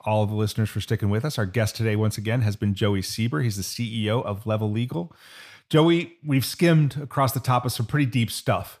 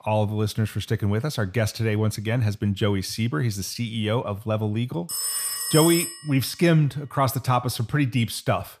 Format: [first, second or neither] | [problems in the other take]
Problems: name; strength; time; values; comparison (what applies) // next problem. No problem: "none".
first | phone ringing; loud; from 5 to 6 s; peak 1 dB above the speech